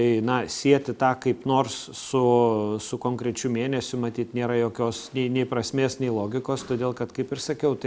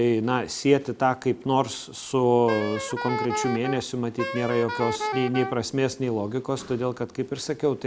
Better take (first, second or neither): first